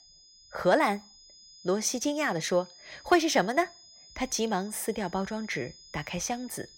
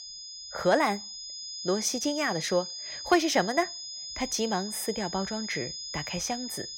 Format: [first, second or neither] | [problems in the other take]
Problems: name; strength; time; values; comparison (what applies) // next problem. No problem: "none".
first | high-pitched whine; loud; throughout; 5 kHz, 7 dB below the speech; faint in the first